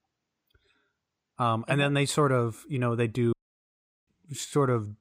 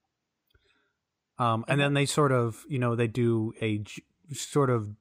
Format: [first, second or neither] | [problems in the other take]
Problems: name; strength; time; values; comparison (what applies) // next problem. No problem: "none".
second | audio cutting out; at 3.5 s for 0.5 s